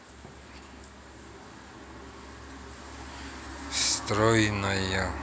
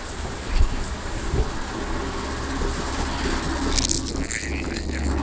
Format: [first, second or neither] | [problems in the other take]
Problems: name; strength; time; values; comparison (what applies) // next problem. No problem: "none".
first | noise reduction (neural separator model SepFormer DNS4)